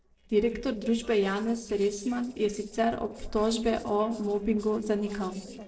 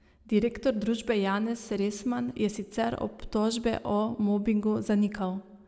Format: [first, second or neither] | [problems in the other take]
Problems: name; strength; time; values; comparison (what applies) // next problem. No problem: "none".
second | noise reduction (neural separator model SepFormer DNS4)